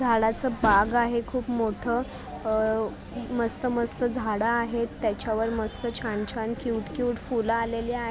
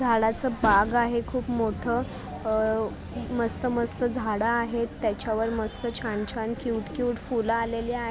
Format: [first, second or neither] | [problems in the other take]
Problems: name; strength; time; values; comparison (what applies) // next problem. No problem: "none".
first | background sound (Motorcycle); 17 dB below the speech